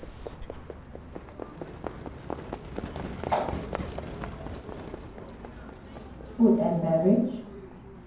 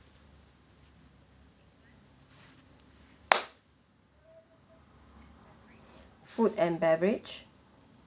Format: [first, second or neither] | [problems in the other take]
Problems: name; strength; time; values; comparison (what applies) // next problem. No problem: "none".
second | background sound (Livestock, farm animals, working animals); 8 dB below the speech // room echo; dies away in 0.9 s